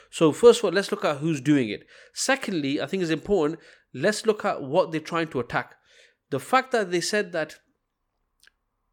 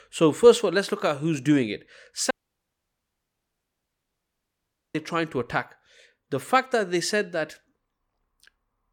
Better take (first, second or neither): first